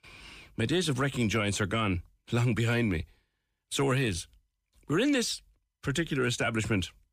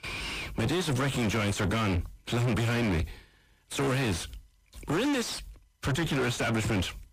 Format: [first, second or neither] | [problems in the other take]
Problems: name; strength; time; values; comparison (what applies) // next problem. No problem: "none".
first | distortion; heavy; 6 dB below the speech